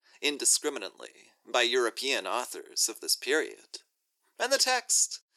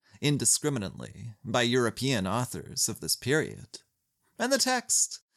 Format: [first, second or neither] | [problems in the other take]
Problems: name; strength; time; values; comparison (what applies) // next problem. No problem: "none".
second | thin; very; fading below 350 Hz